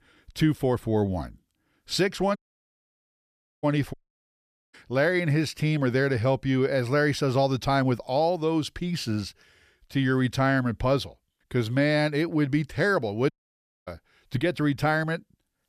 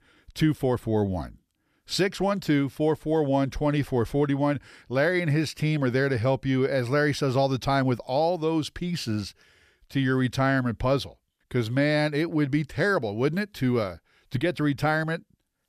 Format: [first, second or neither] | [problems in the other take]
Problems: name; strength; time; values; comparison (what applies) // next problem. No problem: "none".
second | audio cutting out; at 2.5 s for 1.5 s, at 4 s for 1 s and at 13 s for 0.5 s